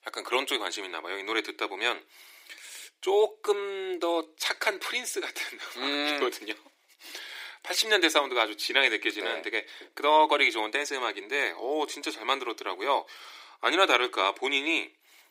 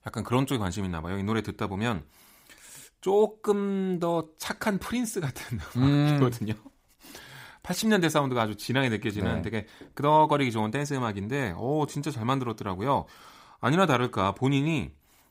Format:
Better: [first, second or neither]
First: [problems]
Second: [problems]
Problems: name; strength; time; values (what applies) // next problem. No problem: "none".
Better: second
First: thin; very; fading below 350 Hz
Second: none